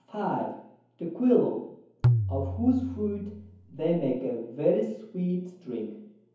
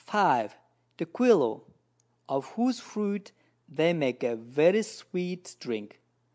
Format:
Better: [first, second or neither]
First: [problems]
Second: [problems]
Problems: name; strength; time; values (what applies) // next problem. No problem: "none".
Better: second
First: background sound (Tabla); as loud as the speech // room echo; dies away in 0.7 s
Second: none